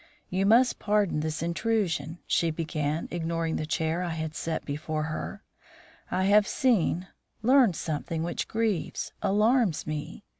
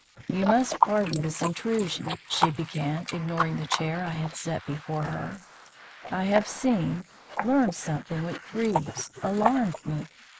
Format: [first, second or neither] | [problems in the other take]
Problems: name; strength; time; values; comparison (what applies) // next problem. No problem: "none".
first | noise reduction (neural mask model Resemble Enhance denoiser)